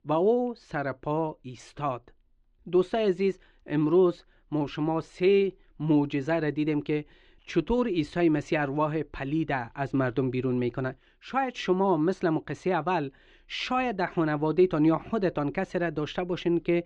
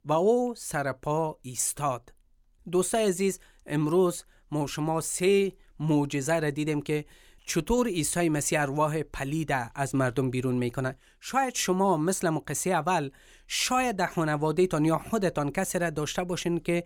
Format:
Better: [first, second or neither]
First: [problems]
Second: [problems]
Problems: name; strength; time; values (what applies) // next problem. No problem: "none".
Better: second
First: muffled; slightly; fading above 4 kHz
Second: none